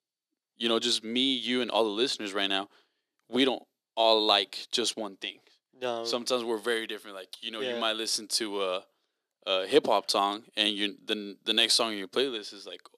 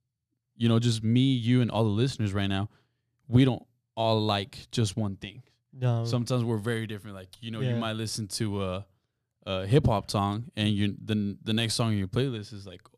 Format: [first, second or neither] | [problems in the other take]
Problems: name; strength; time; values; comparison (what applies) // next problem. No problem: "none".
second | thin; somewhat; fading below 350 Hz